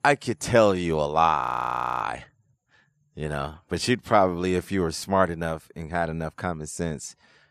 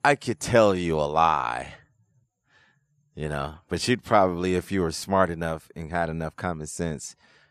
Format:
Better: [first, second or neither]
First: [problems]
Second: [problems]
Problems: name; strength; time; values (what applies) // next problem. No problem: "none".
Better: second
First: audio freezing; at 1.5 s for 0.5 s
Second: none